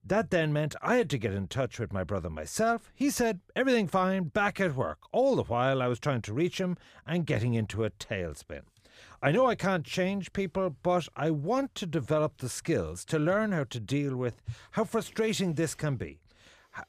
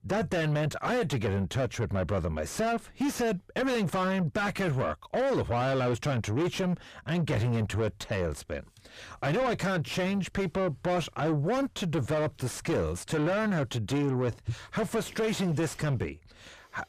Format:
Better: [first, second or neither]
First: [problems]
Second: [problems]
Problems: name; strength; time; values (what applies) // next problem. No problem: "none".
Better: first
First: none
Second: distortion; heavy; 6 dB below the speech